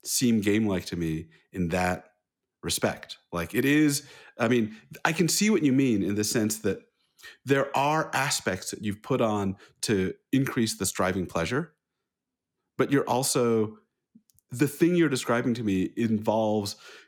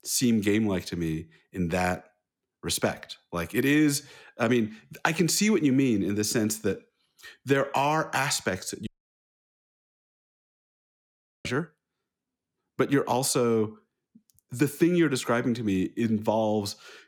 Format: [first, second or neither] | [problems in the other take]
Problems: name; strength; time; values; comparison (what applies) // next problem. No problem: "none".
first | audio cutting out; at 9 s for 2.5 s